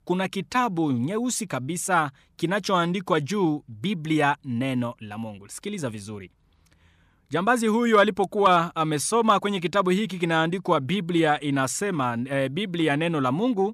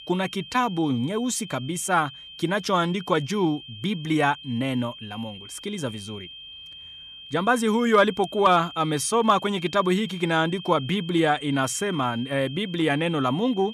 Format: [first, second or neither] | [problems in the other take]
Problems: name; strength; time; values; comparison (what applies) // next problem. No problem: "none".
first | high-pitched whine; noticeable; throughout; 3 kHz, 15 dB below the speech